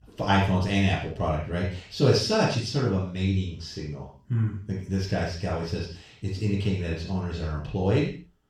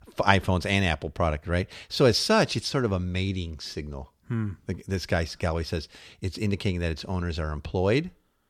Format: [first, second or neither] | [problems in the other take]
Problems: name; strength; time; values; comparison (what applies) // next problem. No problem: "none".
second | room echo; noticeable; dies away in 0.4 s // off-mic speech; far